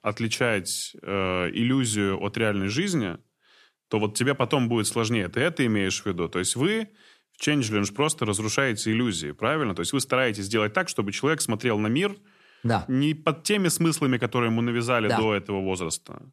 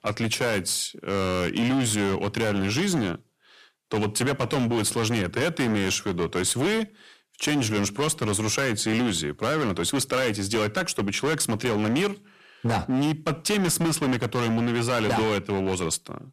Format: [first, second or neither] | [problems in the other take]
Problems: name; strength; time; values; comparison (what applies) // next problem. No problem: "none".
first | distortion; heavy; 17% of the sound clipped